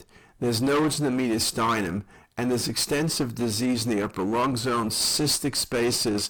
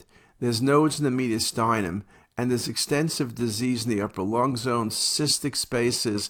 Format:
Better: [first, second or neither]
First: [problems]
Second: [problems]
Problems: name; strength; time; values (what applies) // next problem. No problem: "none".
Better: second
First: distortion; heavy; 17% of the sound clipped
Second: none